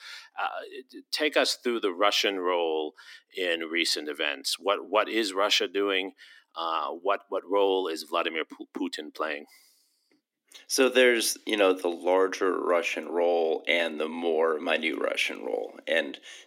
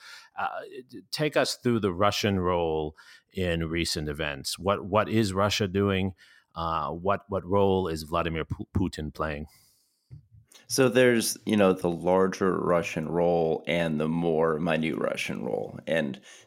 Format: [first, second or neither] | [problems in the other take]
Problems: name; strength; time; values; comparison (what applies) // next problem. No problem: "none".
second | thin; somewhat; fading below 250 Hz